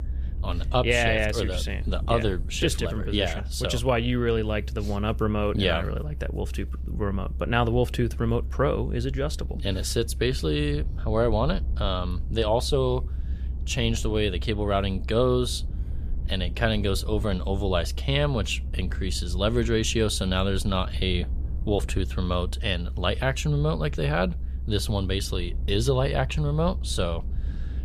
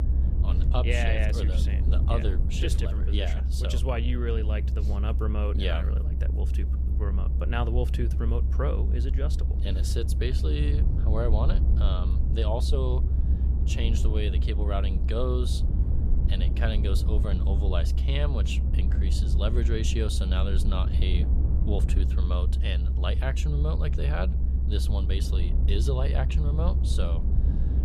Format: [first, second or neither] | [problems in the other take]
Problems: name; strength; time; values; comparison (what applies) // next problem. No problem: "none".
first | low rumble; loud; throughout; 7 dB below the speech; faint in the first